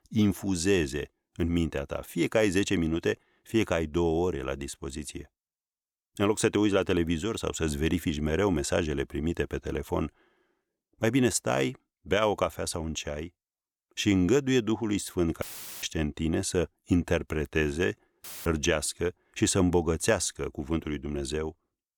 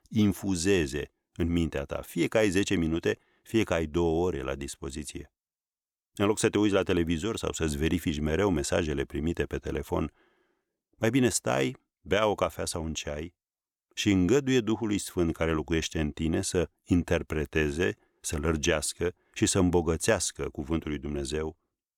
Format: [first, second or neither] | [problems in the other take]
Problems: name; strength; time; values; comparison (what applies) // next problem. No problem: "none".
second | audio cutting out; filled with static; at 15 s and at 18 s